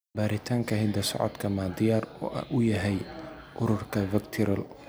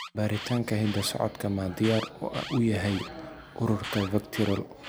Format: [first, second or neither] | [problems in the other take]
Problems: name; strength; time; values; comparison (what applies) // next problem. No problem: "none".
first | background sound (Alarm); 14 dB below the speech